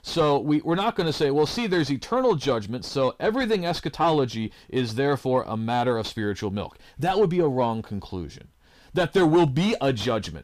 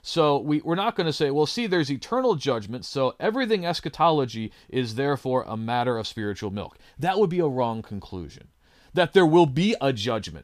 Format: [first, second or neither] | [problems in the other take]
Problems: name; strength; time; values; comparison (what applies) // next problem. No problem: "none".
second | distortion; slight; 10 dB below the speech